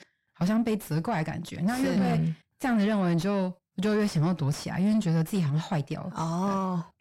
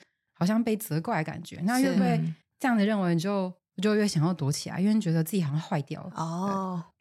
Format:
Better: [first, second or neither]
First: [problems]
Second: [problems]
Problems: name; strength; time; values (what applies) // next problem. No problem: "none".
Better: second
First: distortion; slight; 10 dB below the speech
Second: none